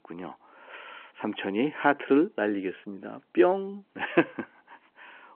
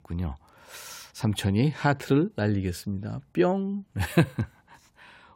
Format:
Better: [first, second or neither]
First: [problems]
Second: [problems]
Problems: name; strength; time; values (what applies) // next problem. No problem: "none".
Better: second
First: phone-call audio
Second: none